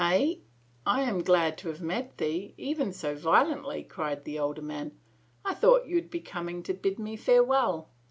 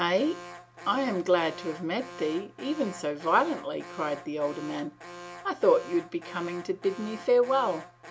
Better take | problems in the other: first | background sound (Alarm); 16 dB below the speech

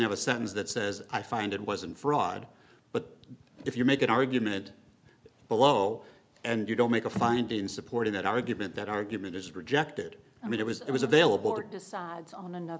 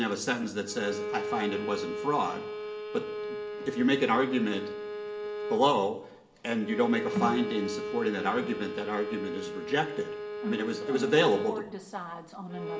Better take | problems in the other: first | background sound (Bowed string instrument); 6 dB below the speech // room echo; dies away in 0.7 s

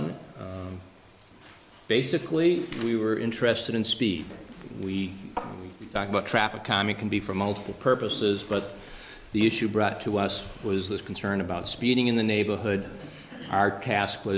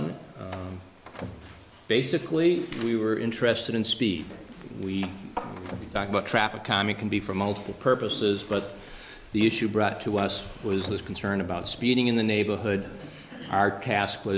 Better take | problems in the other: first | background sound (Slam); 19 dB below the speech

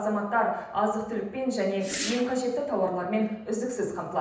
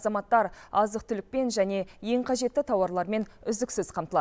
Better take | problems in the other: second | background sound (Whoosh, swoosh, swish); 9 dB below the speech // room echo; dies away in 0.9 s

